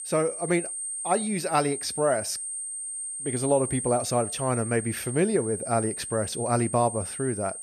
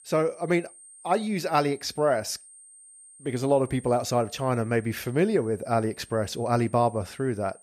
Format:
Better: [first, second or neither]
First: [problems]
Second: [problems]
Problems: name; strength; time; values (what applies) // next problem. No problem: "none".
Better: second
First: high-pitched whine; loud; throughout; 9 kHz, 5 dB below the speech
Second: high-pitched whine; faint; throughout; 9 kHz, 20 dB below the speech